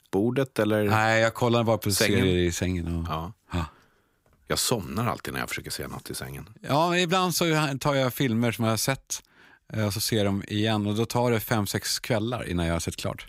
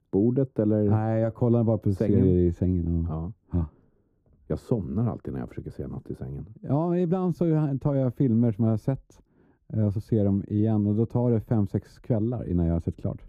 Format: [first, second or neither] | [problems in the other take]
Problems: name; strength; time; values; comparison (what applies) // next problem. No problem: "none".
first | muffled; very; fading above 1 kHz